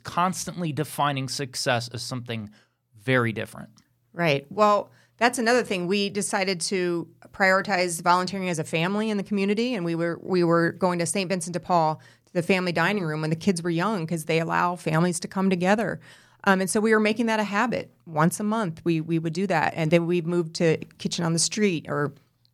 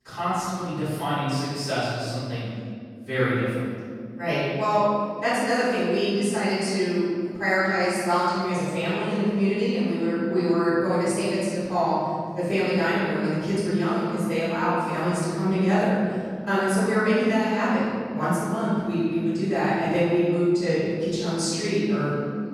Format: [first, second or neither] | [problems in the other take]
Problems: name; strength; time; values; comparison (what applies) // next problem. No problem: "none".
first | off-mic speech; far // room echo; strong; dies away in 2.4 s